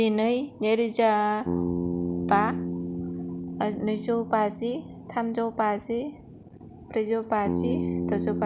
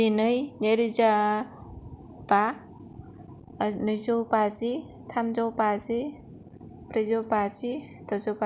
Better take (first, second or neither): second